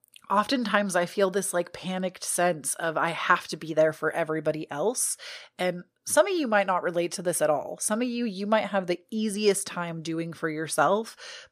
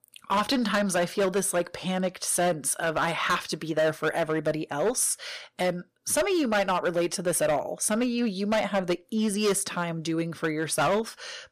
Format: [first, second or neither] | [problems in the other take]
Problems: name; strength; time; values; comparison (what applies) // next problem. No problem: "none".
first | distortion; heavy; 9% of the sound clipped